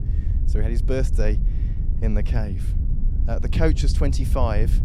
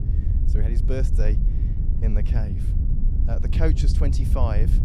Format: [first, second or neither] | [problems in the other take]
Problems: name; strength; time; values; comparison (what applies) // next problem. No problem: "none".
first | wind noise on the microphone; heavy; 6 dB below the speech; occasional gusts in the first